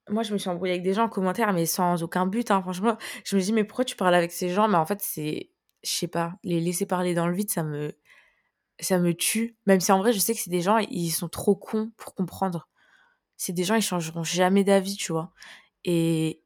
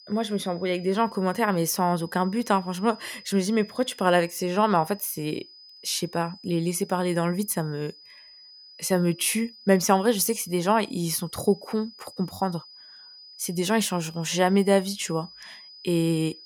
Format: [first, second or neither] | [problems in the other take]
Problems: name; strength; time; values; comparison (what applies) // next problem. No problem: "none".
first | high-pitched whine; faint; throughout; 5 kHz, 20 dB below the speech